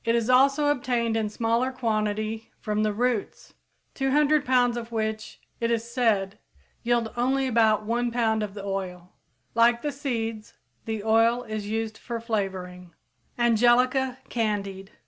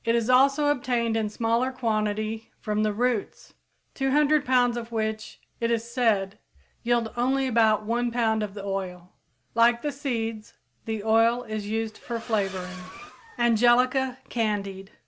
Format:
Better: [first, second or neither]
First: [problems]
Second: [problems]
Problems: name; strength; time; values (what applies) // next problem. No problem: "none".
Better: first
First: none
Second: background sound (Accelerating, revving, vroom); 16 dB below the speech